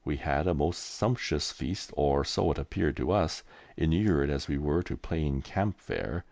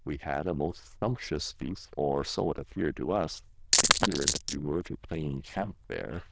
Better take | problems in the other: first | noise reduction (neural diffusion model UNIVERSE++)

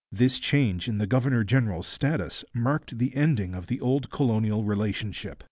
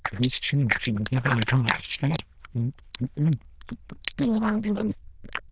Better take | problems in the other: first | noise reduction (neural diffusion model UNIVERSE++)

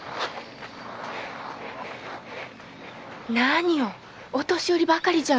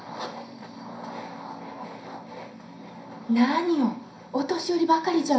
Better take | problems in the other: first | room echo; dies away in 0.5 s

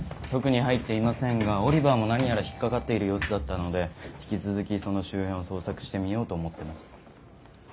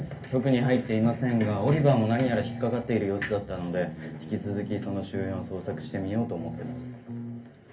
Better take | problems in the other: first | background sound (Bass guitar); 11 dB below the speech // room echo; dies away in 0.3 s

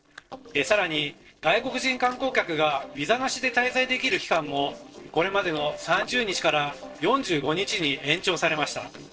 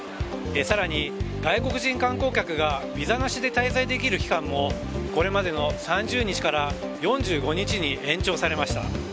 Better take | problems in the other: second | noise reduction (neural separator model SepFormer DNS4)

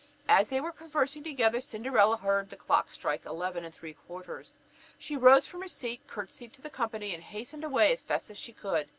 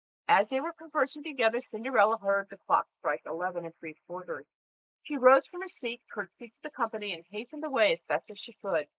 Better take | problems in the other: first | noise reduction (neural mask model Resemble Enhance denoiser)

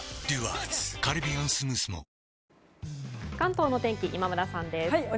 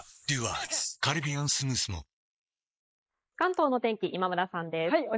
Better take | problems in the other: first | noise reduction (neural mask model Resemble Enhance denoiser)

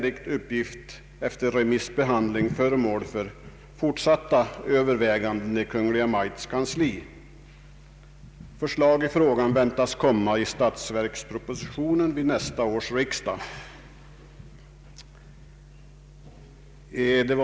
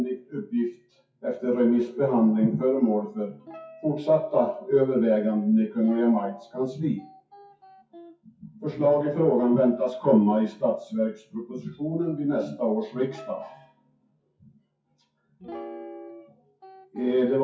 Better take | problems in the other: first | noise reduction (classical method WPE with log-MMSE)

